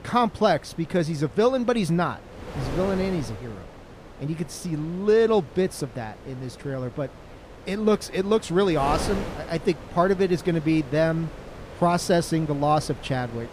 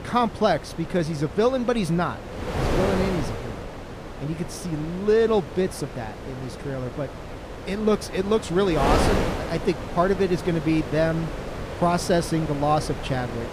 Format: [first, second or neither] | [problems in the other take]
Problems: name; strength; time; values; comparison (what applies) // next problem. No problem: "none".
first | wind noise on the microphone; heavy; 7 dB below the speech; occasional gusts in the first